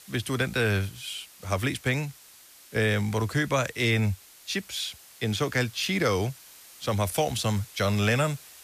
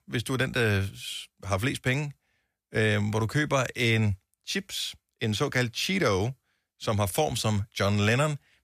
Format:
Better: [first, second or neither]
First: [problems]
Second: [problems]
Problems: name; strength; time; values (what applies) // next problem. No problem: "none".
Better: second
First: hiss; faint; throughout; 20 dB below the speech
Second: none